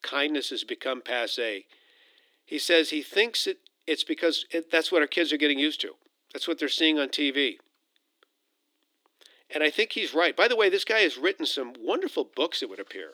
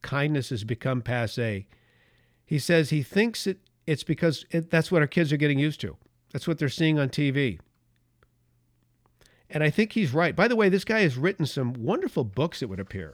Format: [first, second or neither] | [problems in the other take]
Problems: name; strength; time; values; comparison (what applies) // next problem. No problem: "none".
second | thin; somewhat; fading below 300 Hz